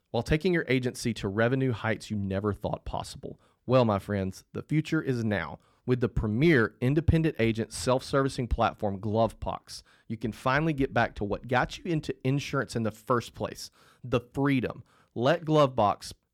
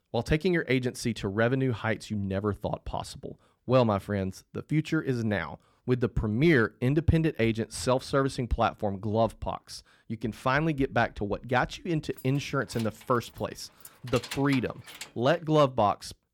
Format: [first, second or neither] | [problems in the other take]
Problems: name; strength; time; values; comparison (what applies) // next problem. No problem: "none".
first | jangling keys; noticeable; from 12 to 15 s; peak 9 dB below the speech